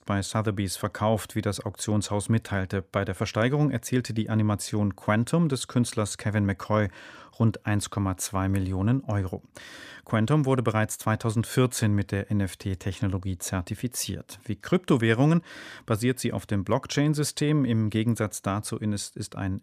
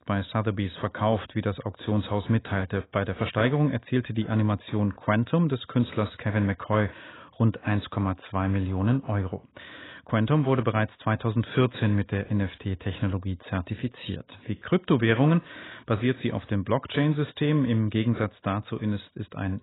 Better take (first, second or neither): first